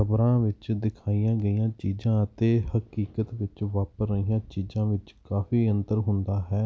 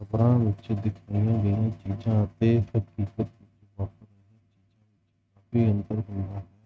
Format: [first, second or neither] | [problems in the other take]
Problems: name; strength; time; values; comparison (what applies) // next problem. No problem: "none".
first | noise reduction (neural mask model RNNoise)